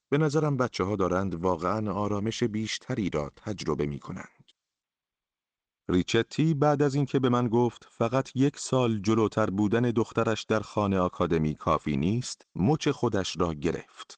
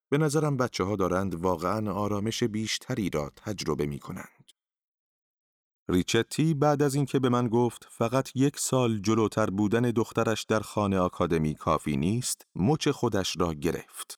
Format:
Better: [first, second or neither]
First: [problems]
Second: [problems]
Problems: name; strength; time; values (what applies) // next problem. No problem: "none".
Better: second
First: garbled, watery; slightly; nothing above 8 kHz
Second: none